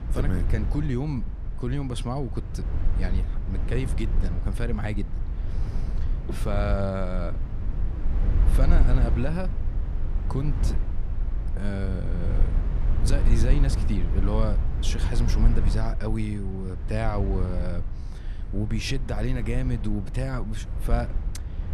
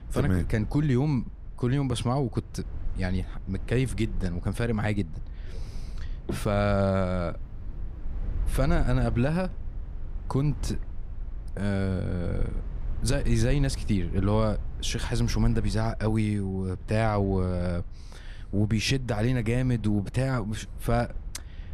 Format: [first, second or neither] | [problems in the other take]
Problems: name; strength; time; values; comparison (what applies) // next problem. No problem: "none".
second | low rumble; loud; throughout; 8 dB below the speech; faint in the second